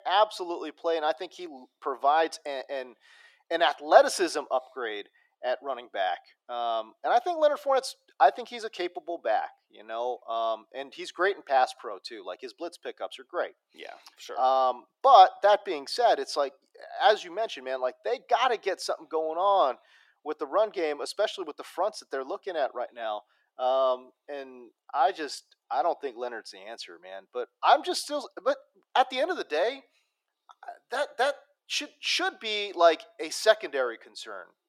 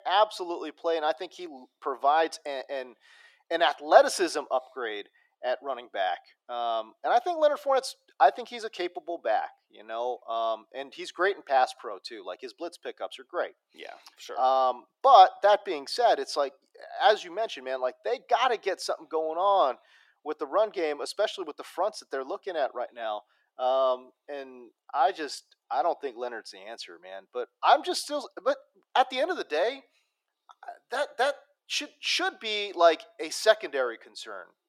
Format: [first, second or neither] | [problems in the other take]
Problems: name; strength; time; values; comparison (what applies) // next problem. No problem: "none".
neither | thin; very; fading below 350 Hz; the same in both